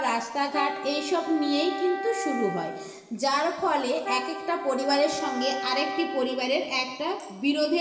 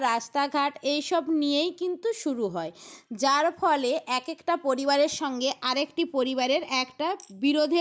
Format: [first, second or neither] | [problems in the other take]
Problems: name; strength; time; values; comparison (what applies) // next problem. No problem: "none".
second | background sound (Wind instrument, woodwind instrument); 8 dB below the speech // room echo; dies away in 1.3 s